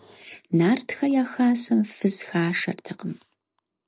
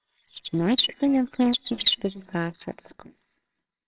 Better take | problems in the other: first | noise reduction (neural separator model SepFormer WHAMR!)

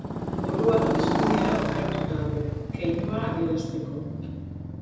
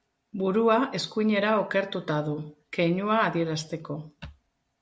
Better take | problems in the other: second | background sound (Motorcycle); 2 dB above the speech // room echo; dies away in 1.1 s

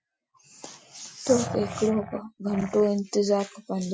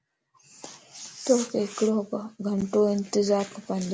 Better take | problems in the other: second | noise reduction (classical method Wiener filter)

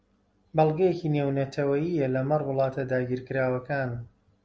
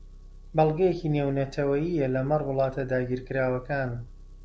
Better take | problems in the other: first | background sound (Engine); 18 dB below the speech

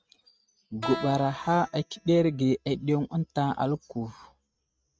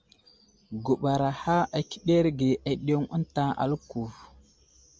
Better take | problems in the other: second | noise reduction (neural mask model RNNoise)

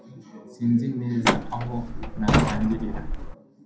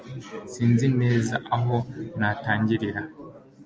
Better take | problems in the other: second | background sound (Truck); 3 dB above the speech // room echo; dies away in 0.4 s

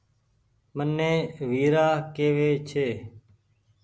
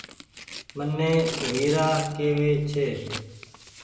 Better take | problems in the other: first | background sound (Tearing); 13 dB below the speech // room echo; dies away in 1 s

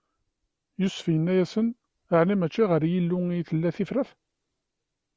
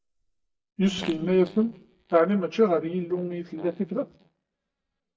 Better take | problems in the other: first | noise reduction (neural mask model DeepFilterNet 3)

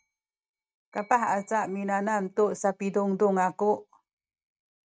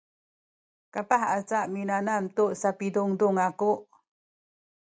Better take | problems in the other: second | noise reduction (neural mask model RNNoise)

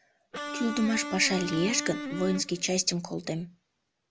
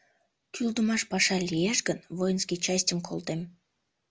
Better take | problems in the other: second | background sound (Electric guitar); 7 dB below the speech

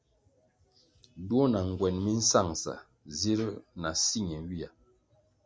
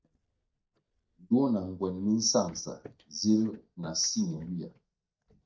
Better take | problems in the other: first | noise reduction (neural mask model DeepFilterNet 3)

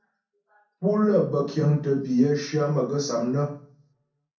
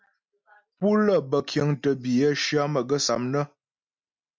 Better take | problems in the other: second | room echo; dies away in 0.6 s

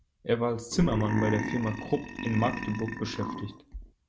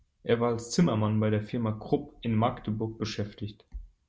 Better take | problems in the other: second | background sound (Burping, eructation); 5 dB below the speech

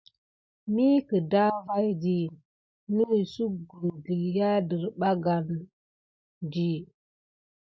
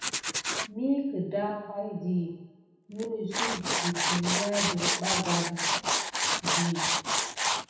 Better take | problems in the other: first | background sound (Tools); 2 dB above the speech // room echo; dies away in 0.9 s

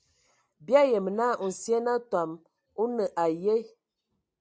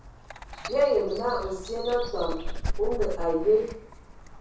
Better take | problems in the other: first | background sound (Dog); 5 dB below the speech // room echo; dies away in 0.6 s

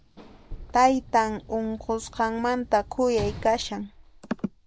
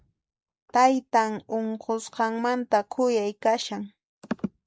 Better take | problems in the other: second | background sound (Sliding door / Slam); 16 dB below the speech

